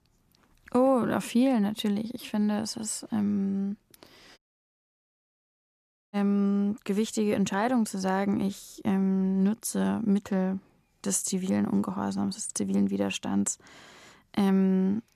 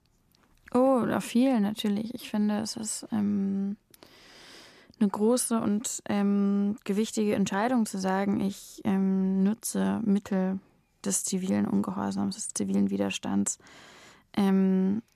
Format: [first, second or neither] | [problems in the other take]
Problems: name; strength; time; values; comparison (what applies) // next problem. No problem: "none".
second | audio cutting out; at 4.5 s for 2 s